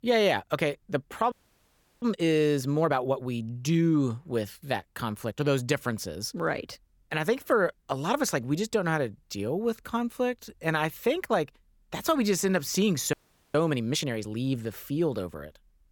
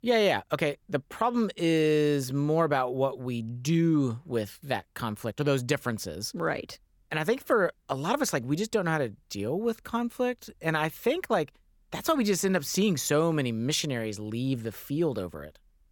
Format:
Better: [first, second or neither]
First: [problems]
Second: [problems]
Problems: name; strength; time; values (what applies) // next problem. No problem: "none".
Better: second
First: audio freezing; at 1.5 s for 0.5 s and at 13 s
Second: none